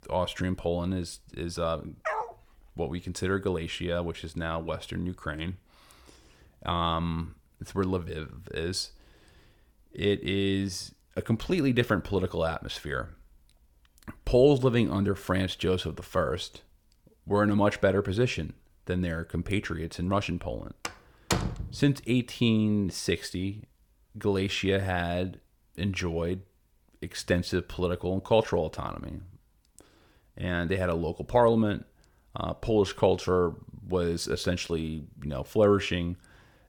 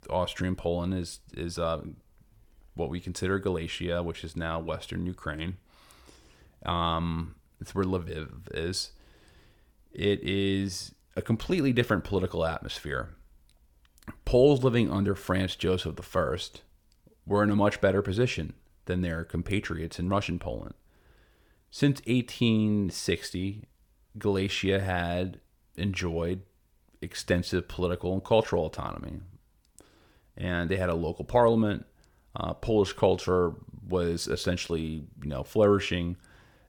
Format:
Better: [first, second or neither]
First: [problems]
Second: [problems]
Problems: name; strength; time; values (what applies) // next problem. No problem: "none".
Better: second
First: dog barking; noticeable; at 2 s; peak 4 dB below the speech // door banging; noticeable; at 21 s; peak 1 dB below the speech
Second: none